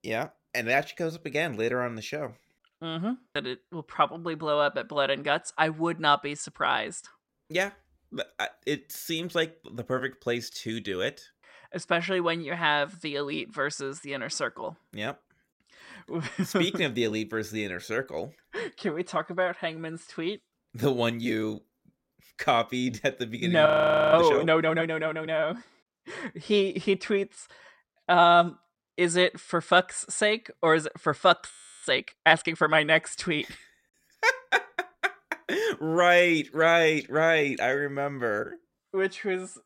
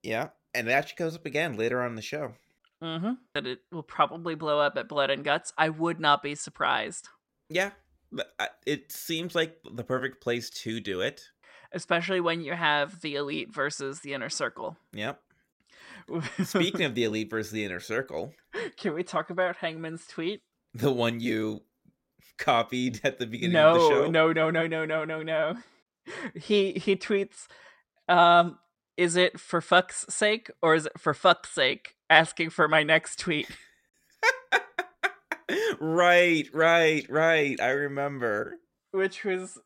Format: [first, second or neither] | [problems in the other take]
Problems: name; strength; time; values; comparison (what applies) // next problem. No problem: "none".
second | audio freezing; at 24 s and at 32 s